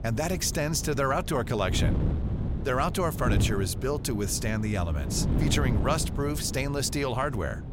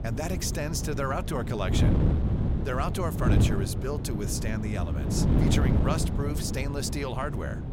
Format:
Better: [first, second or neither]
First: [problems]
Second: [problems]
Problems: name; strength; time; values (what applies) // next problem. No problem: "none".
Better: first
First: wind noise on the microphone; occasional gusts; 10 dB below the speech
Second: wind noise on the microphone; heavy; 3 dB below the speech